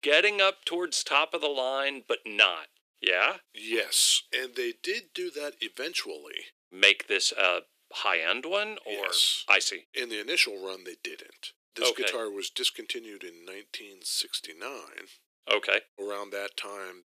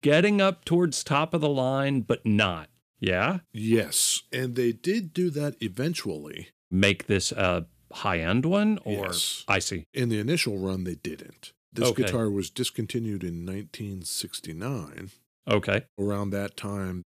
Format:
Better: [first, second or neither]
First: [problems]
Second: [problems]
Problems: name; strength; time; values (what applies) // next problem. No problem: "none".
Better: second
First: thin; very; fading below 350 Hz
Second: none